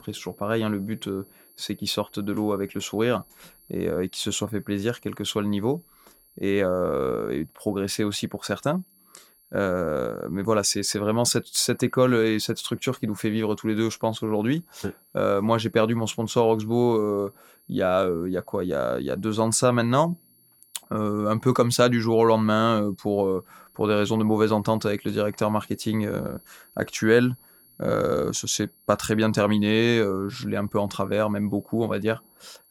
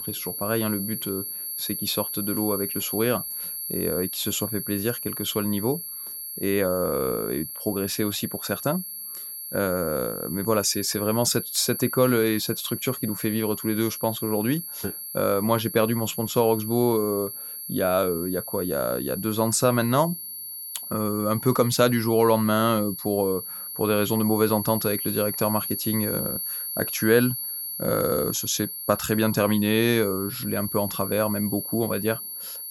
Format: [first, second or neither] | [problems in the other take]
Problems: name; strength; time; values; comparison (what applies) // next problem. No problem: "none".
first | high-pitched whine; loud; throughout; 11.5 kHz, 6 dB below the speech; faint in the first